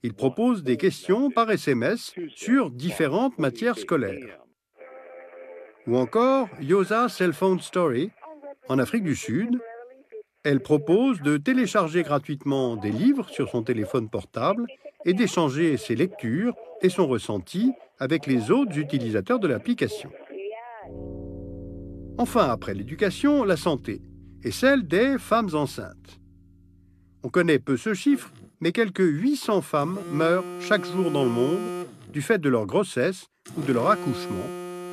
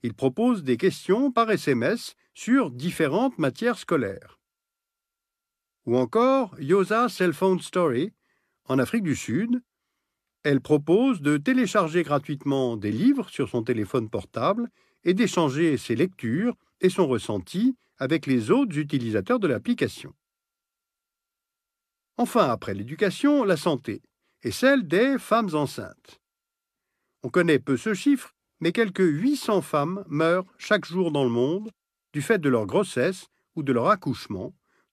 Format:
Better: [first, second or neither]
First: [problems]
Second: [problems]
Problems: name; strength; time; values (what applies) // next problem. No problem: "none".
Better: second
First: alarms or sirens; noticeable; throughout; 15 dB below the speech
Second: none